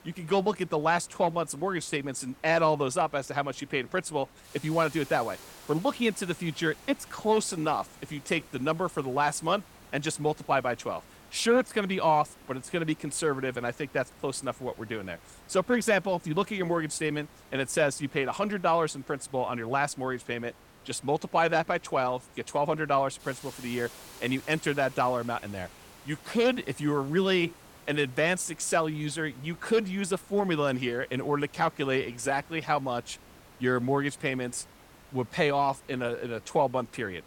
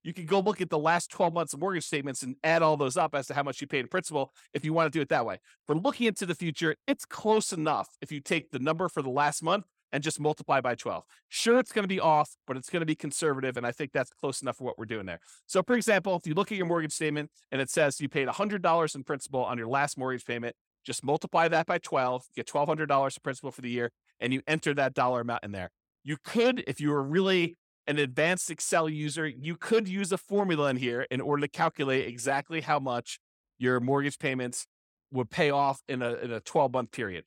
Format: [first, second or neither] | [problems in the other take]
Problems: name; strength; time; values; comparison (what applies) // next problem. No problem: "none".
second | hiss; faint; throughout; 20 dB below the speech